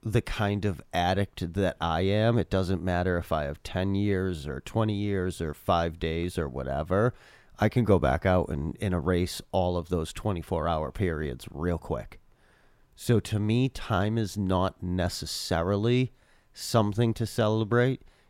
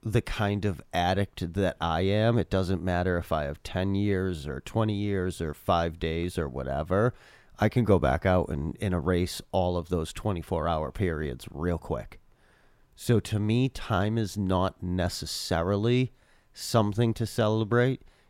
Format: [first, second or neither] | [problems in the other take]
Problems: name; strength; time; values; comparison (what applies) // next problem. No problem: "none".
neither | none